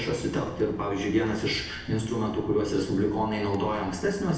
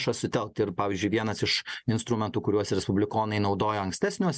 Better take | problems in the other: second | background sound (Rain); 16 dB below the speech // room echo; dies away in 0.9 s

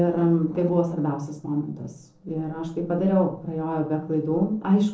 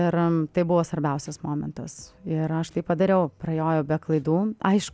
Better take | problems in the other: second | noise reduction (neural separator model SepFormer DNS4)

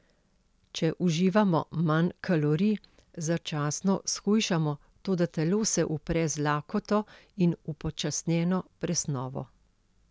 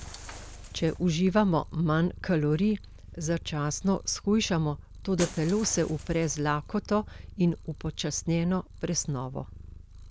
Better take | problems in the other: first | background sound (Purr + Shatter); 15 dB below the speech

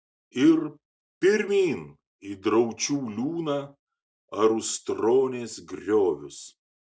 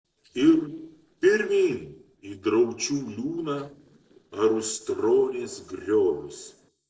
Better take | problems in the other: first | noise reduction (neural separator model SepFormer DNS4)

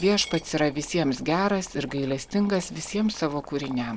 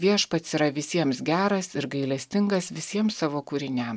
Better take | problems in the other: second | background sound (Coin (dropping) + Boiling); 18 dB below the speech

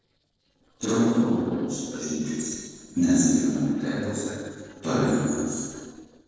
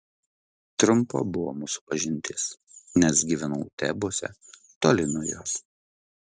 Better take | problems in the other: second | noise reduction (neural separator model SepFormer DNS4)

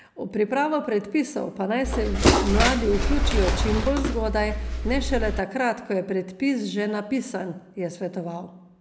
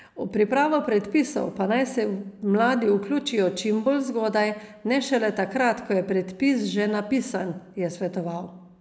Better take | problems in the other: second | background sound (Bird); 3 dB above the speech

